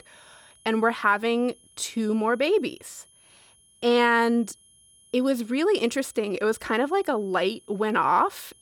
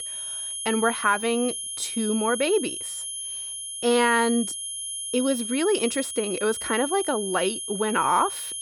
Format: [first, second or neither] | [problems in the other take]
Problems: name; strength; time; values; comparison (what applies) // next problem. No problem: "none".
first | high-pitched whine; loud; throughout; 10.5 kHz, 5 dB below the speech; faint in the first